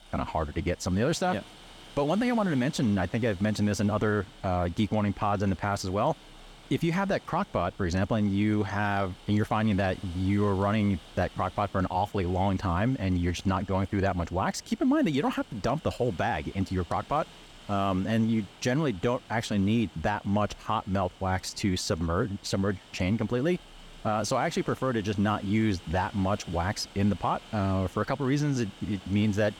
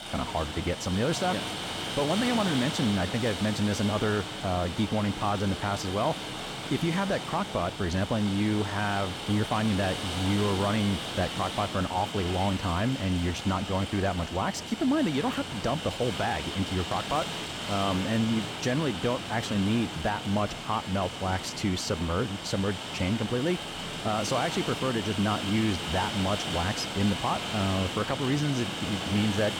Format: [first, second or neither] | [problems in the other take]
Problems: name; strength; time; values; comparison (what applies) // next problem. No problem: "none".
first | rain or running water; loud; throughout; 5 dB below the speech; faint in the first